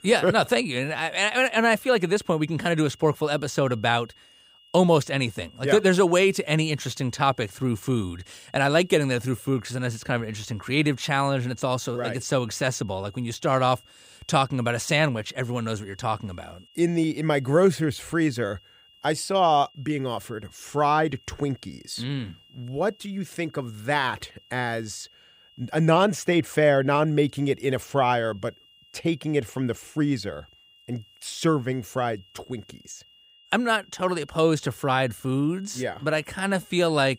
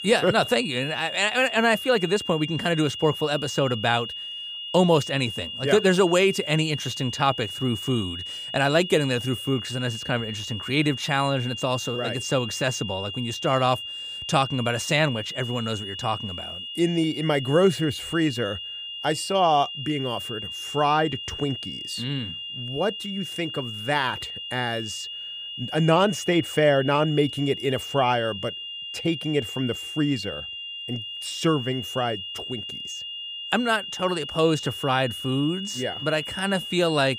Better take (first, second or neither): first